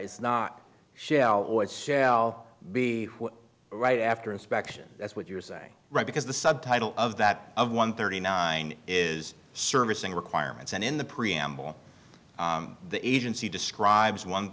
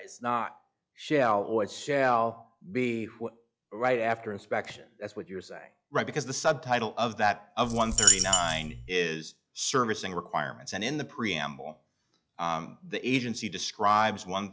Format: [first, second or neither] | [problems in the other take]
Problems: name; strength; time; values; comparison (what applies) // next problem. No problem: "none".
first | noise reduction (classical method log-MMSE)